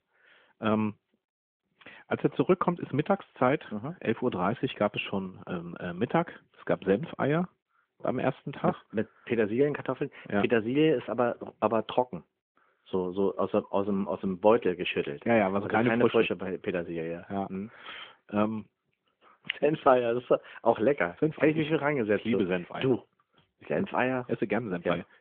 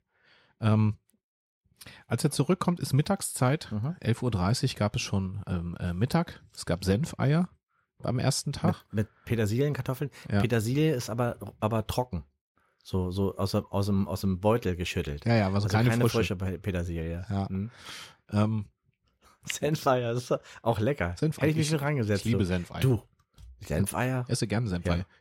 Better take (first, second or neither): second